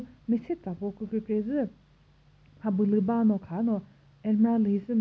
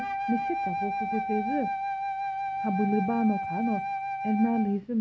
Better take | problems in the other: first | background sound (Wind instrument, woodwind instrument); 2 dB below the speech

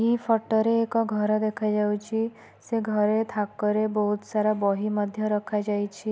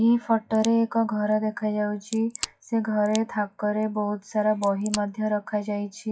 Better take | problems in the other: first | noise reduction (classical method WPE with log-MMSE)

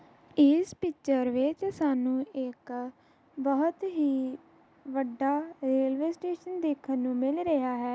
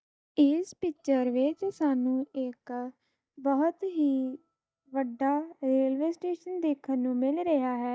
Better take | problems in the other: first | noise reduction (neural mask model DeepFilterNet 3)

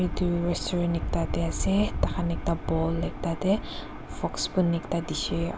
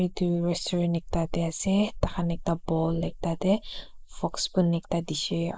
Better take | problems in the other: first | noise reduction (neural mask model Resemble Enhance denoiser)

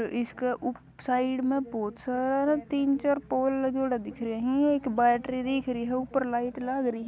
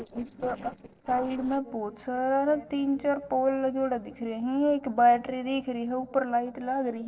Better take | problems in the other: first | noise reduction (neural separator model SepFormer DNS4)

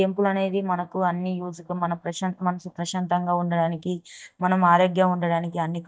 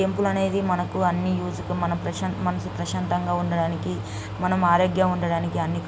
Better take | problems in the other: second | noise reduction (neural mask model DeepFilterNet 3)

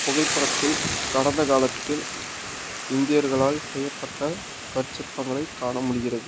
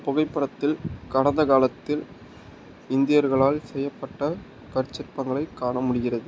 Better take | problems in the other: second | background sound (Boiling / Hiss); 5 dB below the speech

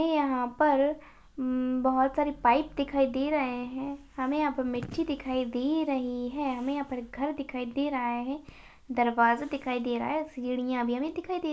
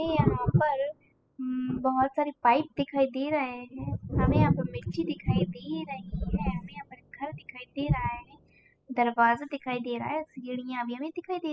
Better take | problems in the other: first | noise reduction (classical method spectral subtraction)

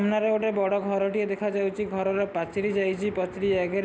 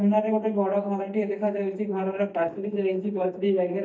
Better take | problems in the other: first | noise reduction (neural mask model DeepFilterNet 3)

